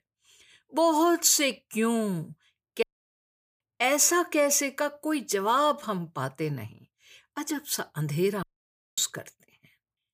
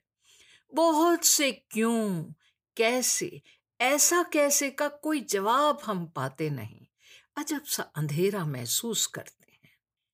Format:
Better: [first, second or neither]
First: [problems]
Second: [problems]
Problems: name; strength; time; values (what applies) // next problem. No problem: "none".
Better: second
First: audio cutting out; at 3 s for 1 s and at 8.5 s for 0.5 s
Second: none